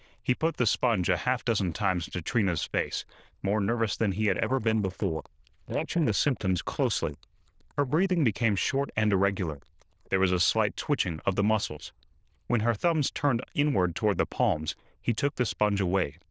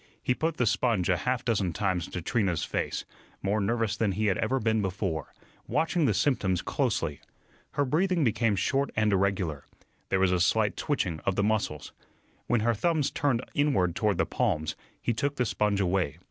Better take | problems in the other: second | noise reduction (neural diffusion model UNIVERSE++)

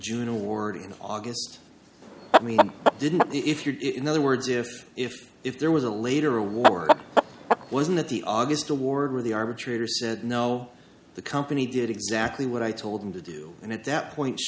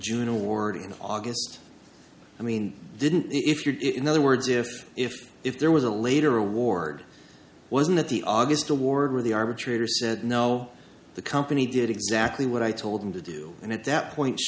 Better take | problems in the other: second | background sound (Chicken, rooster); 4 dB above the speech

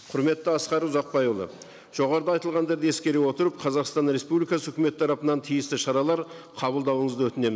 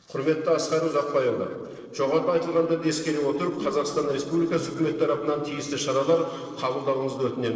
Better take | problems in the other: first | noise reduction (neural separator model SepFormer DNS4)

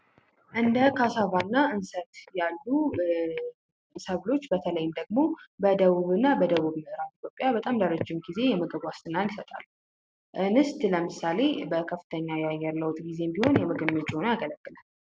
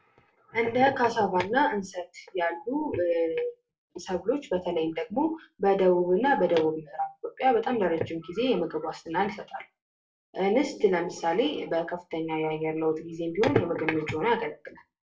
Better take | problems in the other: first | room echo; dies away in 0.2 s

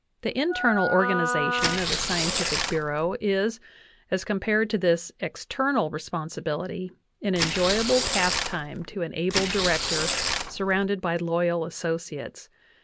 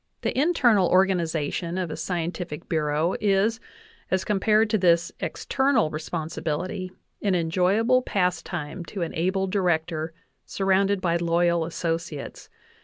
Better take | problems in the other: second | background sound (Wind instrument, woodwind instrument + Tearing); 1 dB below the speech

